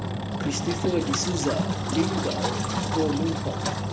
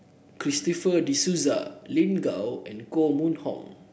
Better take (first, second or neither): second